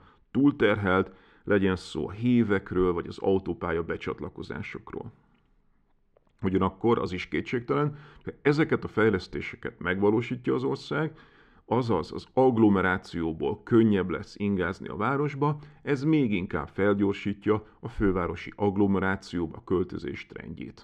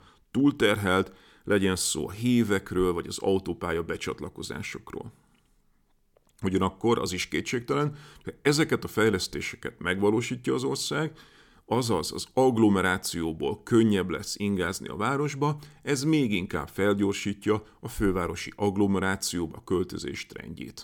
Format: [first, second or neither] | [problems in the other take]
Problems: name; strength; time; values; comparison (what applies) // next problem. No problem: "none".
second | muffled; slightly; fading above 2.5 kHz